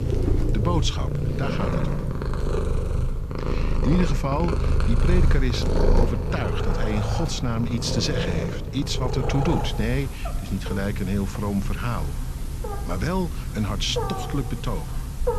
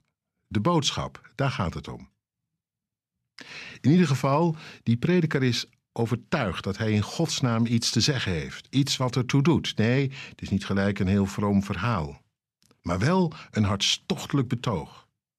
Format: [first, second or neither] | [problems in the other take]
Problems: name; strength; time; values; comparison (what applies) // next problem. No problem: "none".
second | animal sounds; very loud; throughout; 1 dB above the speech